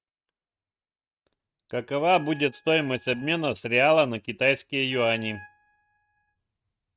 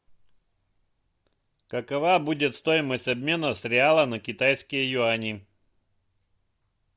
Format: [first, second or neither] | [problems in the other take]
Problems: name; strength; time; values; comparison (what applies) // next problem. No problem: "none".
second | noise reduction (neural mask model RNNoise)